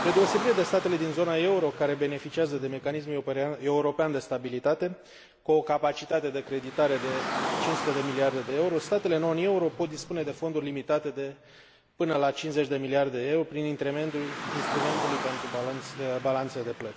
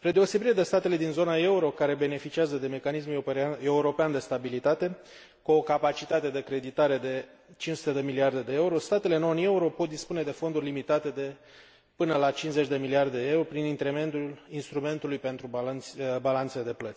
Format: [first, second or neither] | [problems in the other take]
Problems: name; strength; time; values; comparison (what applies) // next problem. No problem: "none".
second | background sound (Car); 9 dB below the speech